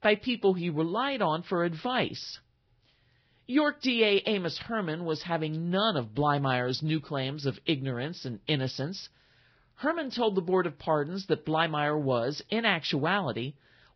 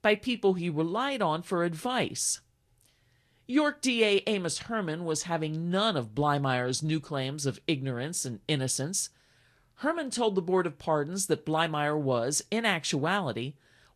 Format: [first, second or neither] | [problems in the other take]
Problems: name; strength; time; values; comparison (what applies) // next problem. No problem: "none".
second | garbled, watery; badly; nothing above 5.5 kHz; slightly in the second